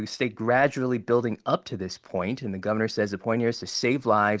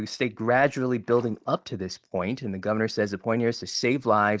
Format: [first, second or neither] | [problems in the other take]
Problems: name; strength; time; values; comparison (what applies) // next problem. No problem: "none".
first | noise reduction (neural mask model DeepFilterNet 3)